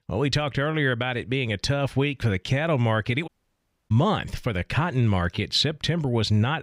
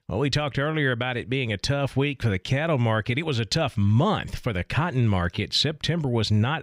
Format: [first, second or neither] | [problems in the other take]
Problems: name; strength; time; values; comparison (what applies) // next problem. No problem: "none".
second | audio cutting out; at 3.5 s for 0.5 s